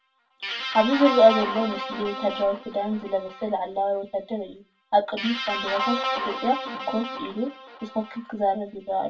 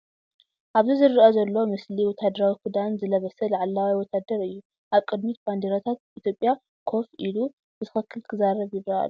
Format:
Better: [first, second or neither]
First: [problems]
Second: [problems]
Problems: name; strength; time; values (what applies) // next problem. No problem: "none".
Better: second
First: background sound (Guitar); 7 dB below the speech // room echo; dies away in 0.2 s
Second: none